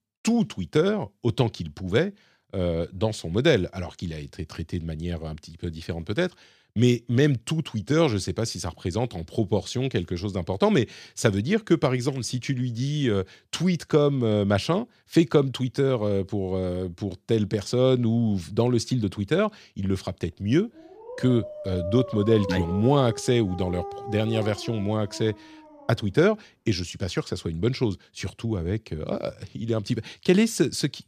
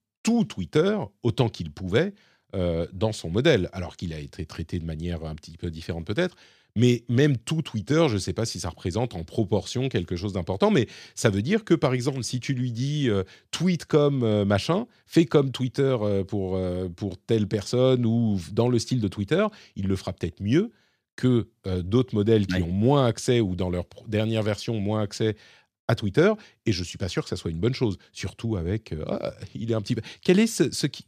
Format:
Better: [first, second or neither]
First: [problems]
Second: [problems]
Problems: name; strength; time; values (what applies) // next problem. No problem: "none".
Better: second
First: dog barking; noticeable; from 21 to 26 s; peak 7 dB below the speech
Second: none